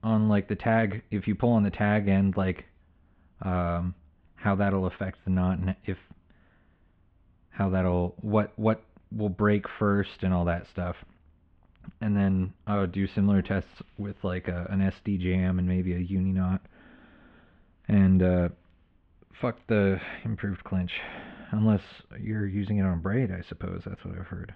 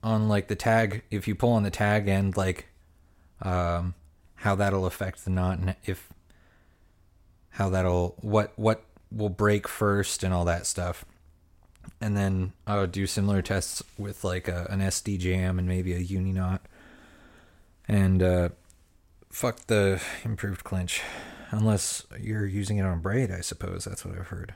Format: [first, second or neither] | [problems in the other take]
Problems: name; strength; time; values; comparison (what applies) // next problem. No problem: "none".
second | muffled; very; fading above 3 kHz